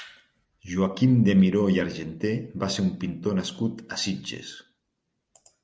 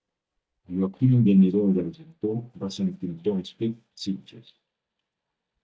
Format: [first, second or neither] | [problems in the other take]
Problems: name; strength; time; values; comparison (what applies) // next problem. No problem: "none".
first | noise reduction (neural mask model DeepFilterNet 3)